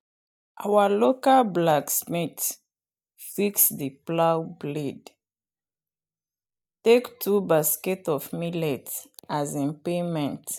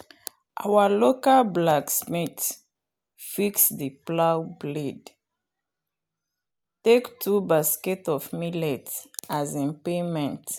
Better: second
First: noise reduction (neural mask model DeepFilterNet 3)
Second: none

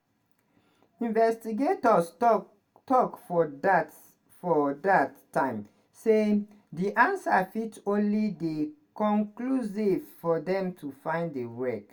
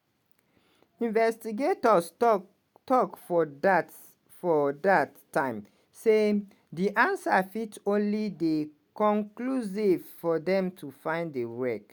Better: second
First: room echo; dies away in 0.2 s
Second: none

